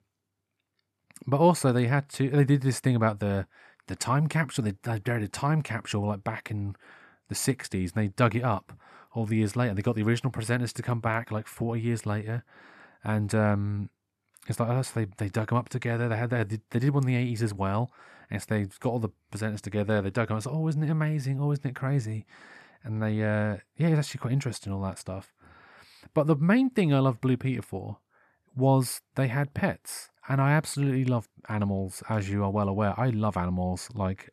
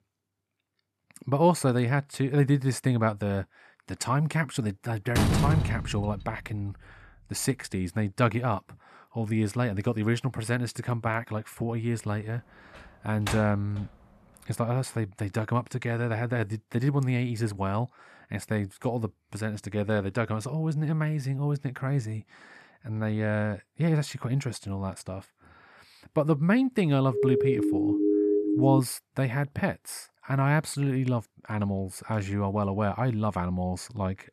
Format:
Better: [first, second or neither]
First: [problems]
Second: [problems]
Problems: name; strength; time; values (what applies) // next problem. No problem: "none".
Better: first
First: none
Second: door banging; loud; from 5 to 6.5 s; peak 4 dB above the speech // door banging; noticeable; from 13 to 14 s; peak 6 dB below the speech // siren; loud; from 27 to 29 s; peak 5 dB above the speech